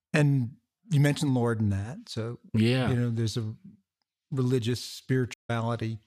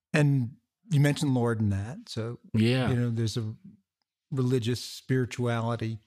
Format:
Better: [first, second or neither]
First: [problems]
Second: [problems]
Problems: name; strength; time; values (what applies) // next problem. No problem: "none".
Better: second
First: audio cutting out; at 5.5 s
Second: none